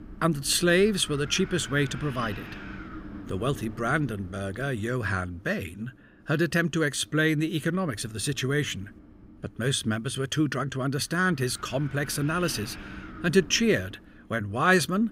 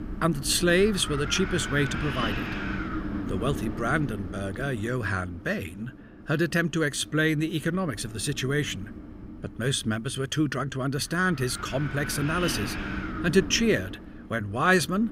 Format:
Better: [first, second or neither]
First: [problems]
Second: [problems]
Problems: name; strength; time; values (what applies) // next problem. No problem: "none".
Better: first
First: wind noise on the microphone; occasional gusts; 15 dB below the speech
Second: wind noise on the microphone; heavy; 8 dB below the speech